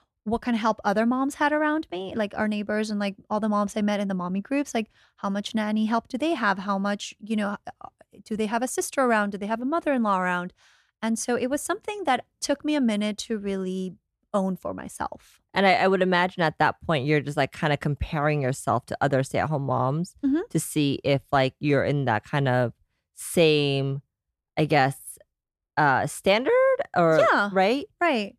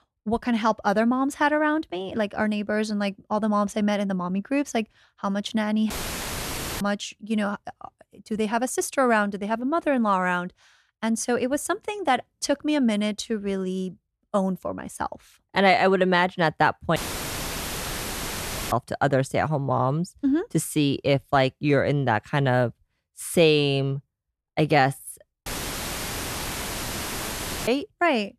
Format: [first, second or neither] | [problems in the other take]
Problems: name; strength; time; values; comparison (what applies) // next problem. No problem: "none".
first | audio cutting out; filled with static; at 6 s for 1 s, at 17 s for 2 s and at 25 s for 2 s